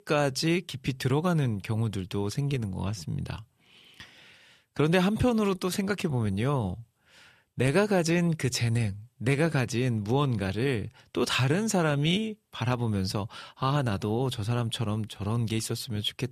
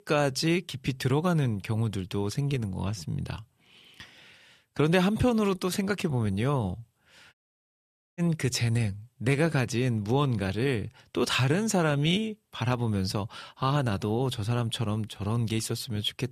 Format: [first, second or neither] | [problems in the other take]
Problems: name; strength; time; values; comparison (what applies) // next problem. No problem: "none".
first | audio cutting out; at 7.5 s for 1 s